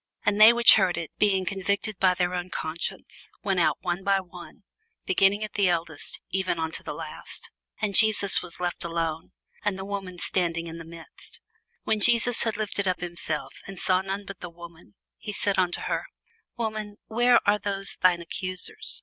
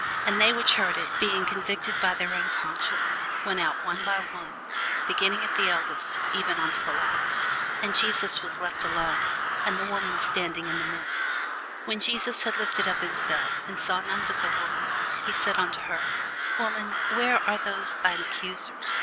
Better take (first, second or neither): first